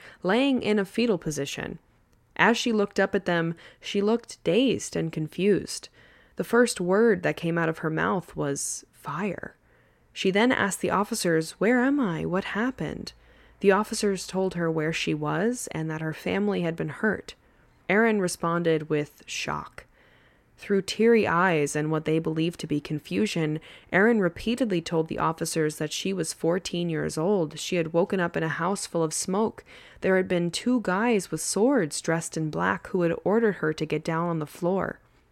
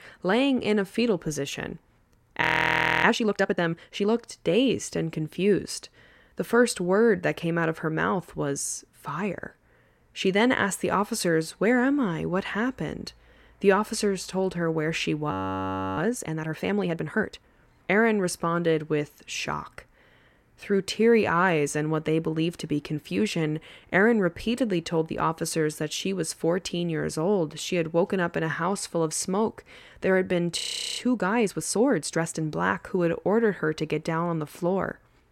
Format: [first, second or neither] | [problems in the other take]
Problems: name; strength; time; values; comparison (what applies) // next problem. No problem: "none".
first | audio freezing; at 2.5 s for 0.5 s, at 15 s for 0.5 s and at 31 s